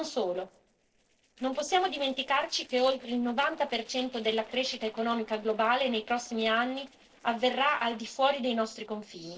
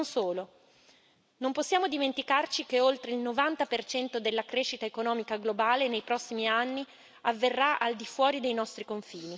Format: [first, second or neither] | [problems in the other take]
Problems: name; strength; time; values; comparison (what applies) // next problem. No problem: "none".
second | noise reduction (neural separator model SepFormer DNS4)